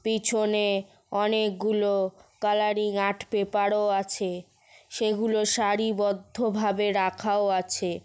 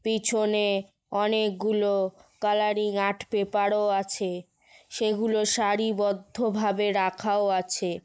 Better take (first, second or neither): first